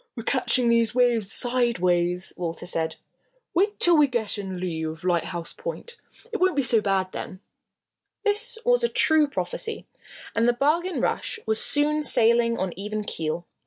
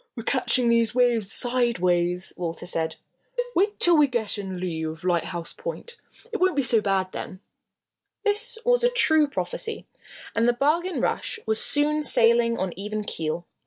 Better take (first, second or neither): first